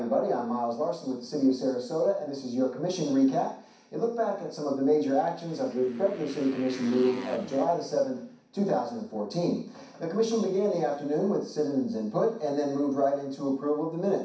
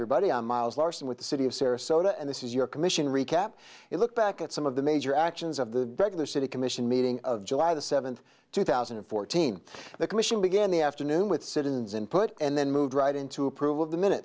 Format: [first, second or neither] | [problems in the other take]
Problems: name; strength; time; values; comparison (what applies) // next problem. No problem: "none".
second | background sound (Motorcycle); 16 dB below the speech // room echo; dies away in 0.6 s